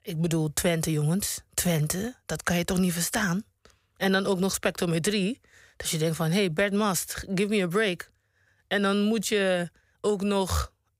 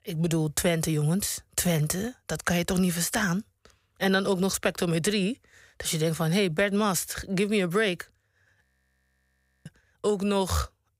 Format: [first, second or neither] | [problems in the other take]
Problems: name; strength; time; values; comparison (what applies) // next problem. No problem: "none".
first | audio freezing; at 8.5 s for 1 s